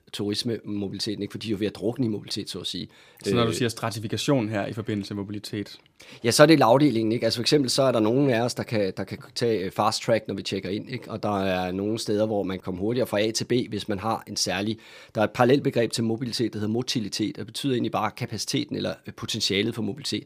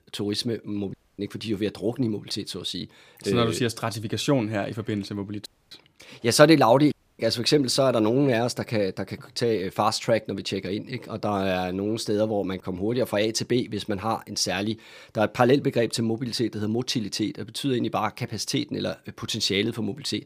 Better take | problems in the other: first | audio cutting out; at 1 s, at 5.5 s and at 7 s

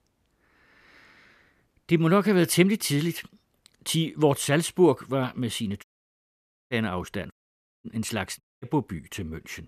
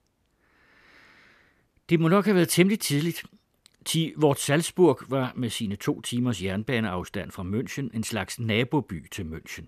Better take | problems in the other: second | audio cutting out; at 6 s for 1 s, at 7.5 s for 0.5 s and at 8.5 s

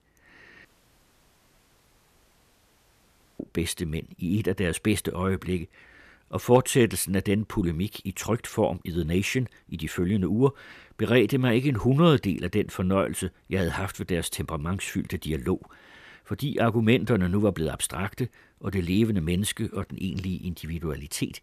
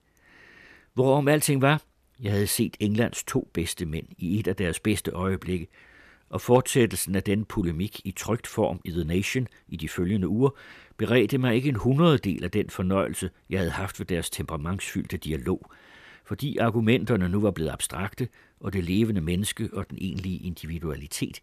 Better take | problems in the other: second | audio cutting out; at 0.5 s for 2.5 s

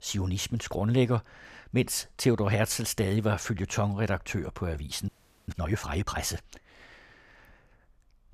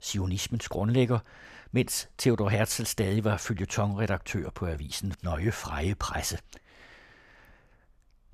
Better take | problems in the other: second | audio freezing; at 5 s

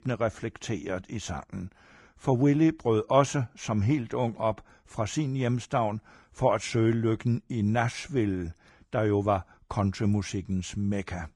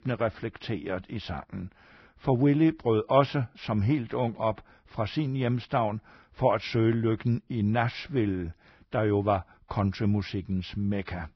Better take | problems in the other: first | garbled, watery; badly; nothing above 5.5 kHz; slightly in the first

